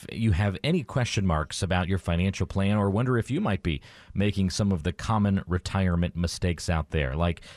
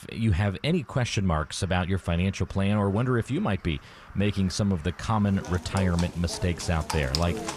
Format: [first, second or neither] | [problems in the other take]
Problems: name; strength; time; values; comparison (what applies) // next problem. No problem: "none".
first | animal sounds; noticeable; throughout; 10 dB below the speech